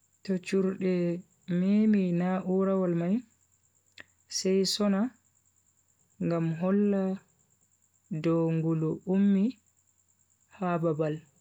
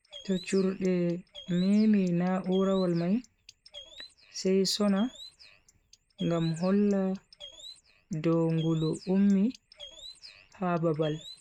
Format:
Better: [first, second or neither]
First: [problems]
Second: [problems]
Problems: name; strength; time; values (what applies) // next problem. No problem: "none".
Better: first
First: none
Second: noise reduction (neural mask model RNNoise)